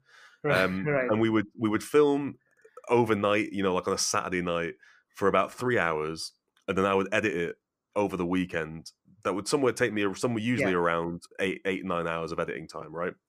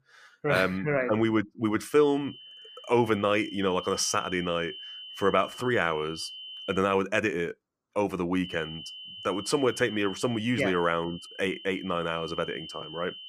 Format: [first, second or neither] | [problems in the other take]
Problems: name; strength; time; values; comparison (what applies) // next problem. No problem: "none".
first | high-pitched whine; noticeable; from 2 to 7 s and from 8.5 s on; 3 kHz, 15 dB below the speech